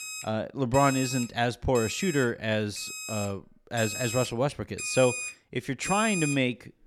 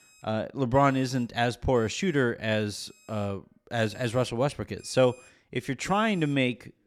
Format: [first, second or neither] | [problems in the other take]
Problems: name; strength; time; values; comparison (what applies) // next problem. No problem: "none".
second | alarms or sirens; loud; throughout; 6 dB below the speech; faint in the second